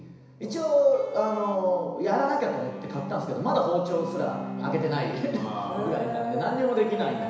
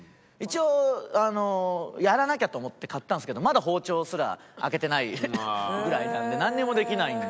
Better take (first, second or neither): second